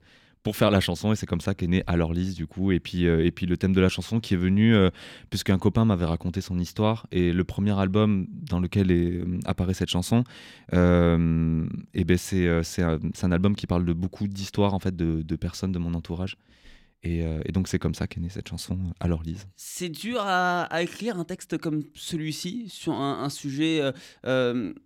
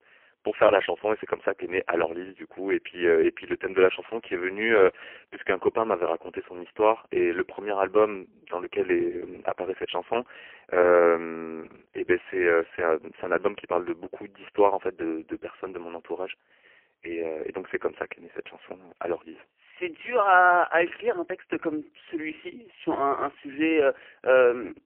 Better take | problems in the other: first | phone-call audio; poor line; nothing above 3 kHz

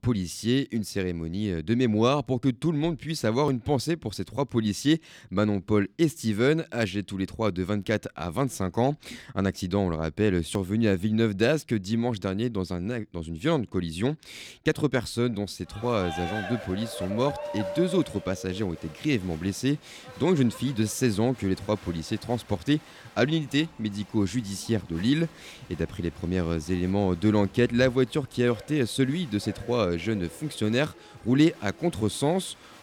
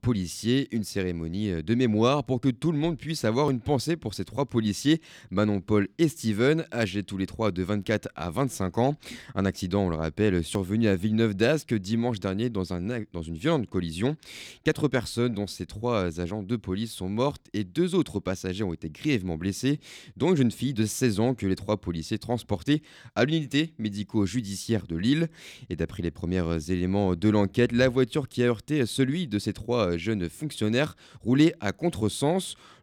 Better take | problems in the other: second | crowd noise; noticeable; from 16 s on; 15 dB below the speech

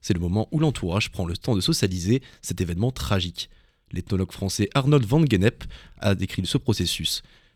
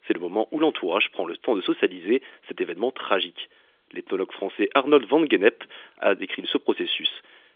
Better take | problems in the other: first | phone-call audio; nothing above 3.5 kHz

